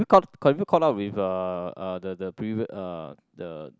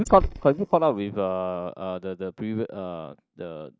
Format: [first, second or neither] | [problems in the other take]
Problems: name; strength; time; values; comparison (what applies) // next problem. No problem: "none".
first | noise reduction (neural mask model DeepFilterNet 3)